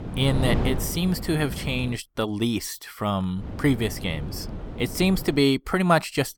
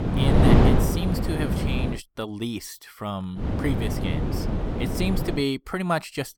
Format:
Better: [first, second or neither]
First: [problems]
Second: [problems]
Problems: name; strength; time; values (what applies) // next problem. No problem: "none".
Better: first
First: wind noise on the microphone; occasional gusts; until 2 s and from 3.5 to 5.5 s; 10 dB below the speech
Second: wind noise on the microphone; heavy; until 2 s and from 3.5 to 5.5 s; 2 dB above the speech